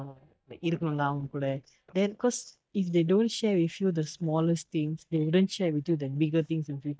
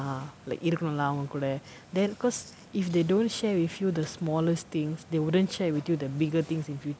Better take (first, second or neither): second